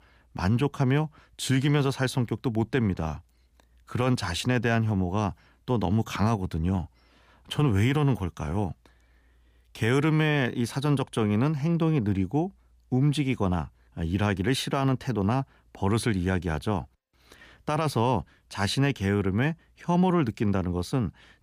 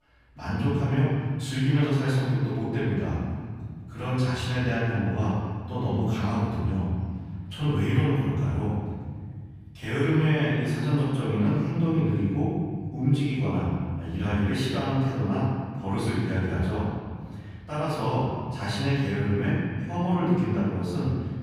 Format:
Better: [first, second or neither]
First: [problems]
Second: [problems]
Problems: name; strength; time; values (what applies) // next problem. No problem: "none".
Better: first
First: none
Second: off-mic speech; far // room echo; strong; dies away in 2.1 s